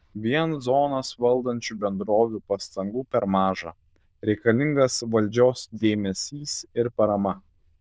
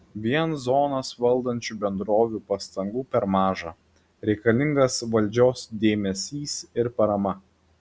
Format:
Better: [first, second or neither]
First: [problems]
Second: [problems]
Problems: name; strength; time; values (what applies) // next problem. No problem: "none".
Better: second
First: noise reduction (neural diffusion model UNIVERSE++)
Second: none